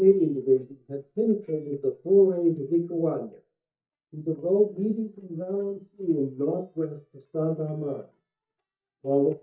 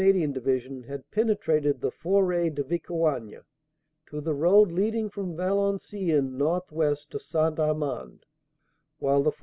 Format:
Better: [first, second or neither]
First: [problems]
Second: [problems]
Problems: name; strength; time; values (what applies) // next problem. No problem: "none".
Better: second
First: noise reduction (neural mask model DeepFilterNet 3)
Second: none